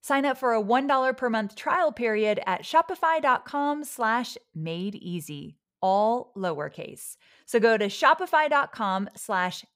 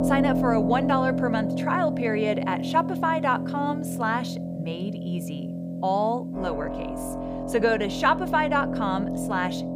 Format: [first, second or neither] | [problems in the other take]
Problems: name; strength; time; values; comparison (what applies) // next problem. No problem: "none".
first | background music; loud; throughout; 3 dB below the speech